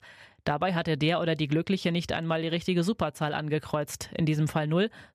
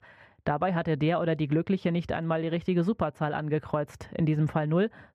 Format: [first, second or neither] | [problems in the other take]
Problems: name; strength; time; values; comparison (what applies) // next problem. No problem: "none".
first | muffled; very; fading above 3 kHz